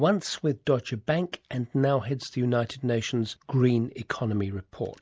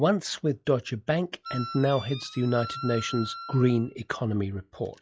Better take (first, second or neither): first